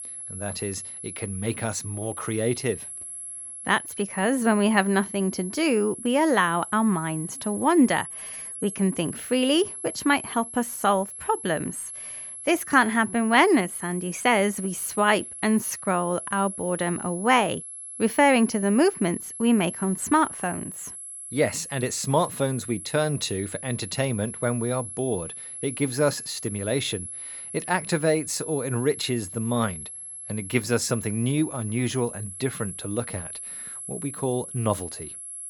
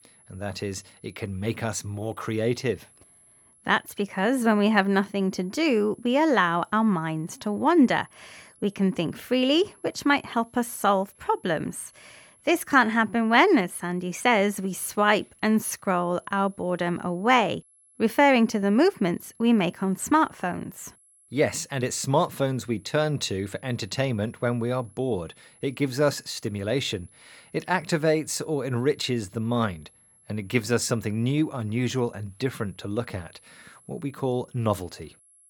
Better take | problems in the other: second | high-pitched whine; loud; throughout; 11 kHz, 10 dB below the speech; faint in the second

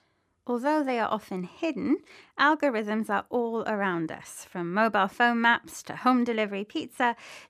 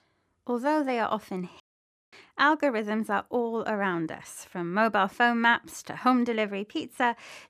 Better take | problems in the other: first | audio cutting out; at 1.5 s for 0.5 s

